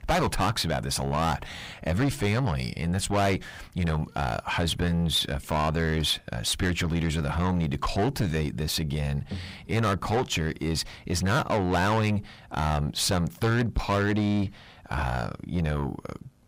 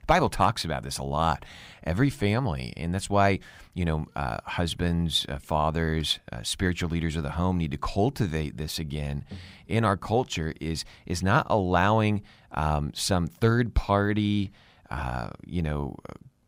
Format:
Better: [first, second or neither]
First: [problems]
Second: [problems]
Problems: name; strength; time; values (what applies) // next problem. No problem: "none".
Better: second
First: distortion; heavy; 6 dB below the speech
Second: none